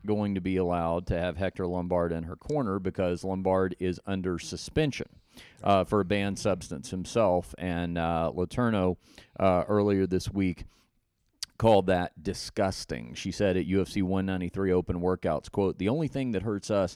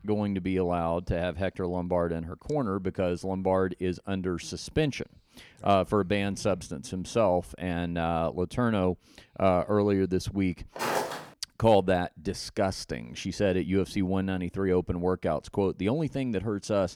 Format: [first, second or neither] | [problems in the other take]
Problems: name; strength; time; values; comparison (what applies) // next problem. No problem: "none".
first | footsteps; noticeable; at 11 s; peak 1 dB below the speech